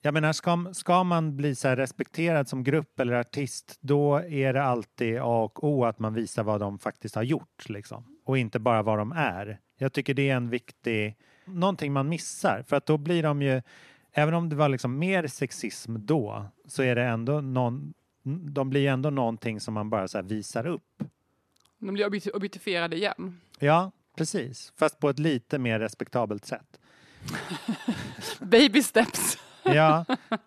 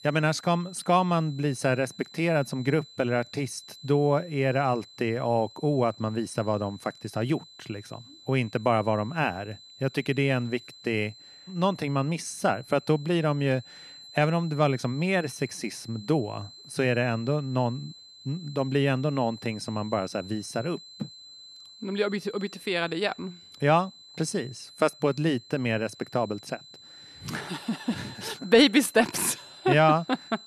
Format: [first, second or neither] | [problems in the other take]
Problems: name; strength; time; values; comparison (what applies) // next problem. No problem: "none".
first | high-pitched whine; noticeable; throughout; 4 kHz, 20 dB below the speech